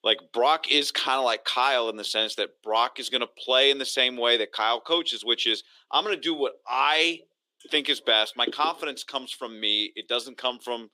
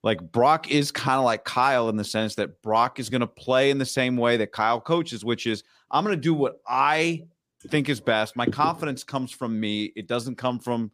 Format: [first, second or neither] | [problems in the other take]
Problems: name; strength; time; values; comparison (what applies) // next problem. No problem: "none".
second | thin; somewhat; fading below 350 Hz